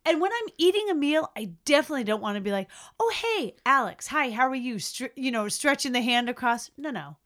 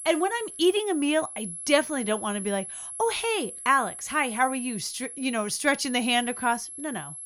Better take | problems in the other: first | high-pitched whine; loud; throughout; 11 kHz, 9 dB below the speech

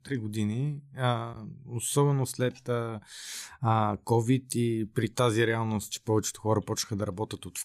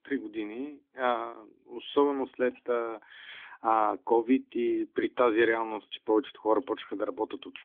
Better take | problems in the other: first | phone-call audio; nothing above 3.5 kHz

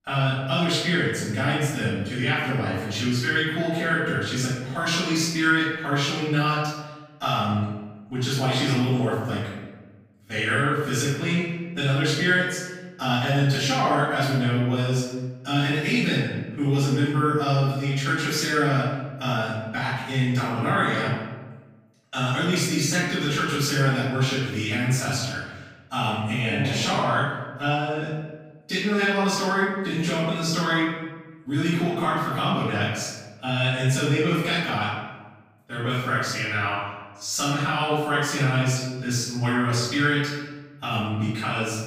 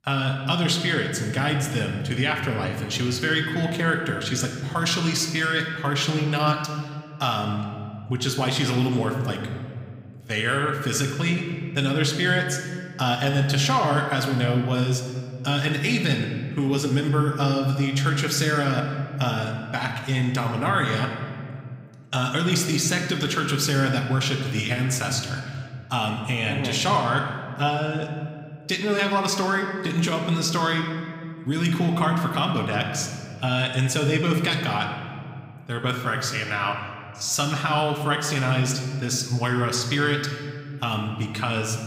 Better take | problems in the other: second | room echo; strong; dies away in 1.1 s; slight in the second // off-mic speech; far

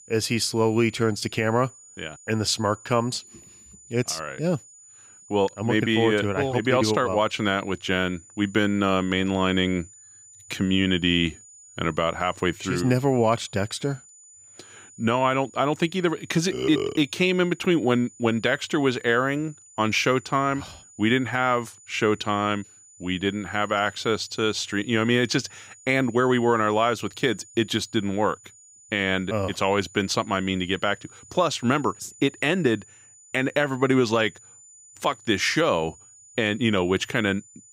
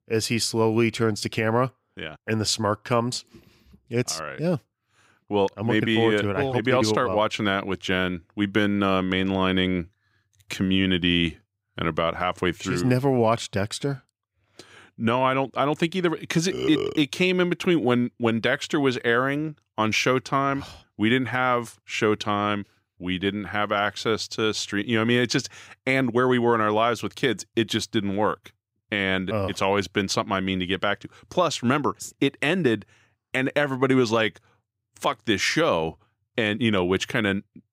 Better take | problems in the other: second | high-pitched whine; faint; throughout; 7 kHz, 25 dB below the speech

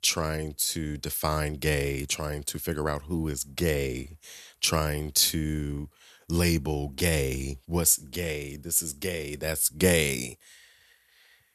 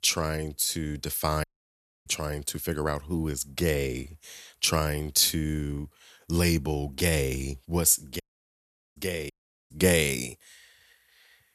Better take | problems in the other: first | audio cutting out; at 1.5 s for 0.5 s, at 8 s for 1 s and at 9.5 s

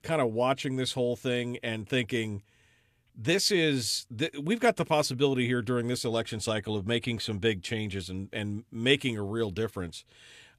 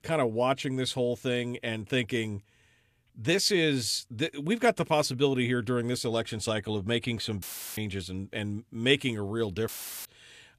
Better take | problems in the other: first | audio cutting out; filled with static; at 7.5 s and at 9.5 s

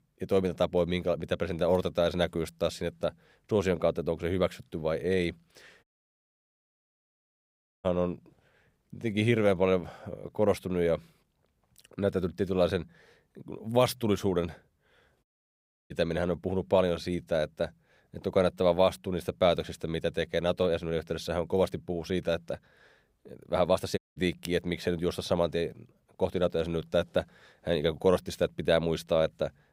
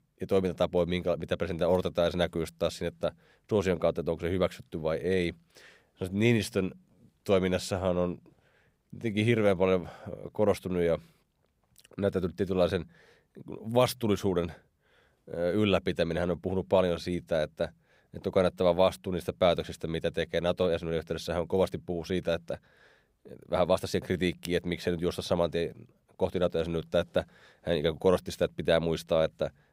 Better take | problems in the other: second | audio cutting out; at 6 s for 2 s, at 15 s for 0.5 s and at 24 s

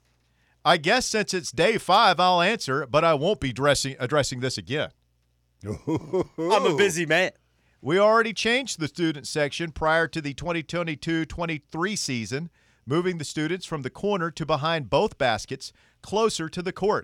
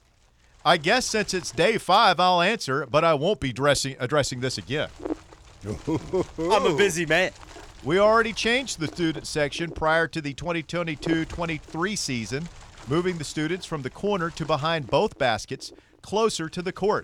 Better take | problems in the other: first | wind noise on the microphone; occasional gusts; 20 dB below the speech

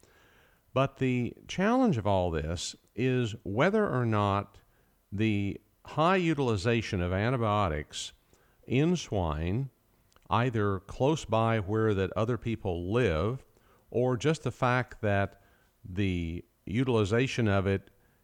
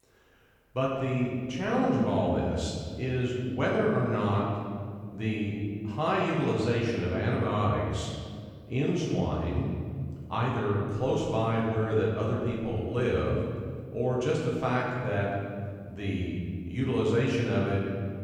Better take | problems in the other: first | room echo; noticeable; dies away in 1.9 s // off-mic speech; far

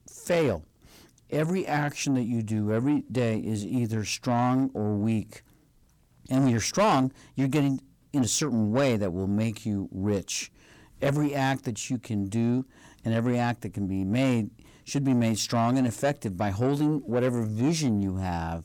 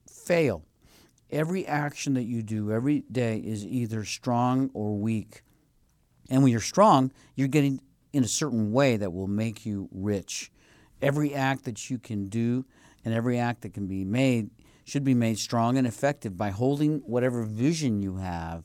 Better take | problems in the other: second | distortion; slight; 10 dB below the speech

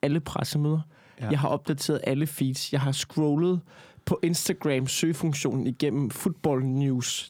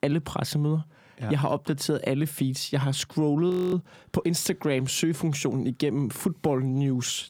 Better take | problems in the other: first | audio freezing; at 3.5 s

